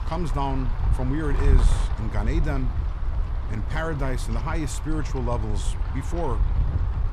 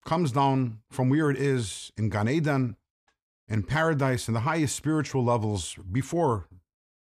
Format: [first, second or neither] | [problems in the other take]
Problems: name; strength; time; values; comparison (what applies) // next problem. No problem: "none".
second | wind noise on the microphone; heavy; 7 dB below the speech